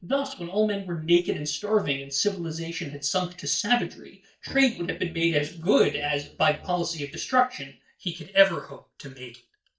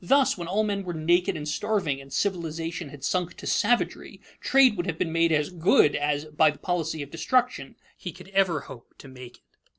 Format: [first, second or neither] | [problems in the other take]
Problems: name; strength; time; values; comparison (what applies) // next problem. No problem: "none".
second | noise reduction (neural mask model DeepFilterNet 3)